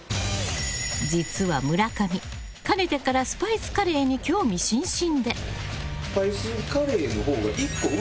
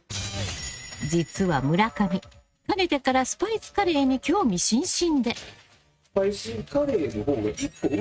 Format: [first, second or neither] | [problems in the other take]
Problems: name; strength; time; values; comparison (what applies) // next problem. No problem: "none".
first | noise reduction (neural mask model RNNoise)